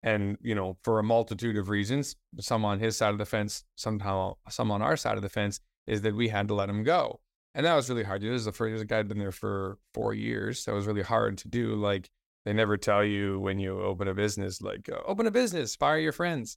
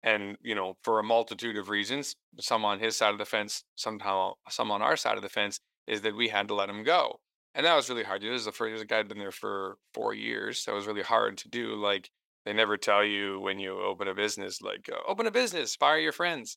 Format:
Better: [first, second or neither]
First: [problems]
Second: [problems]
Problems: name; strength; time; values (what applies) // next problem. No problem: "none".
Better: first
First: none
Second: thin; somewhat; fading below 350 Hz